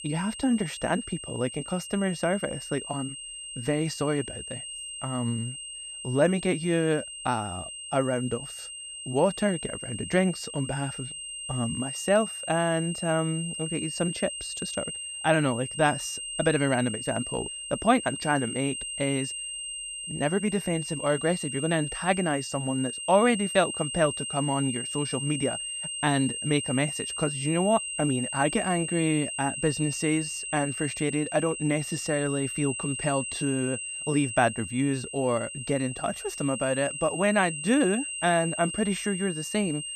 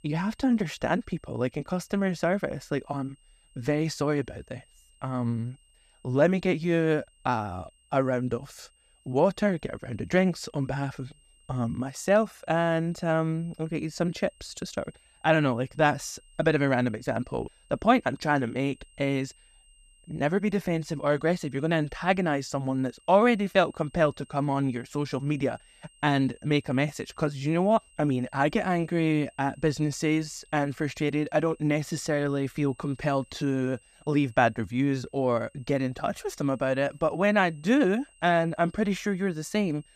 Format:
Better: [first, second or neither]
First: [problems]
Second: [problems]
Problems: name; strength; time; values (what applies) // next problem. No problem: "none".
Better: second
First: high-pitched whine; loud; throughout; 3 kHz, 6 dB below the speech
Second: high-pitched whine; faint; throughout; 3 kHz, 30 dB below the speech